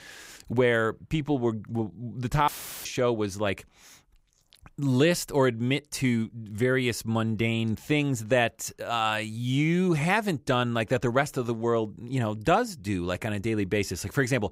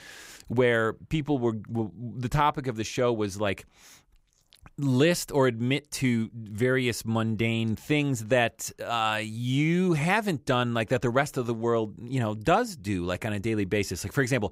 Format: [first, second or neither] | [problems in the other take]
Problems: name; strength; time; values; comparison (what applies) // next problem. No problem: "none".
second | audio cutting out; filled with static; at 2.5 s